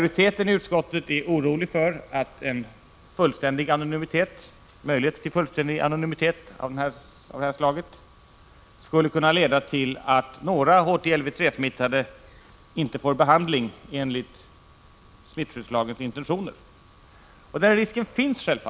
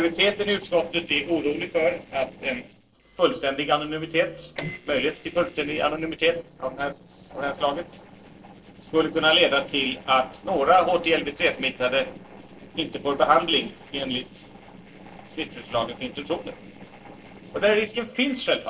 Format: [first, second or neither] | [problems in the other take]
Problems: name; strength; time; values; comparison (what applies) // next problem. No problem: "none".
first | noise reduction (neural separator model SepFormer DNS4)